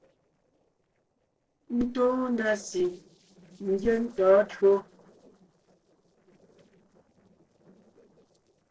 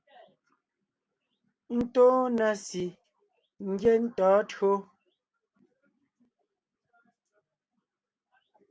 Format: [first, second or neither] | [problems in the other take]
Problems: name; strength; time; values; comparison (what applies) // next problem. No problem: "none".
second | noise reduction (neural separator model SepFormer DNS4)